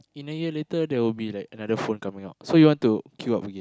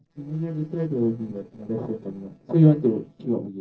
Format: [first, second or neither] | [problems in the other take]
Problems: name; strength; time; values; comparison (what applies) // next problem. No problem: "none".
first | noise reduction (neural separator model SepFormer DNS4)